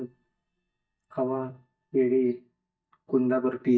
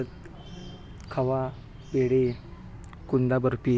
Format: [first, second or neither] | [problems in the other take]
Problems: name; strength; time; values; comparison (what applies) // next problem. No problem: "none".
second | noise reduction (neural mask model DeepFilterNet 3)